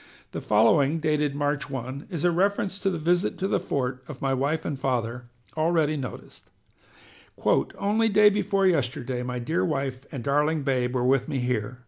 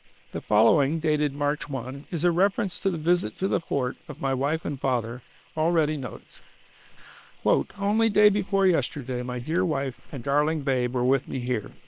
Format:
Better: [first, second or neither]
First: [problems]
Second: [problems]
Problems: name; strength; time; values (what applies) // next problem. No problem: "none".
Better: first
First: none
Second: noise reduction (neural separator model SepFormer WHAM!)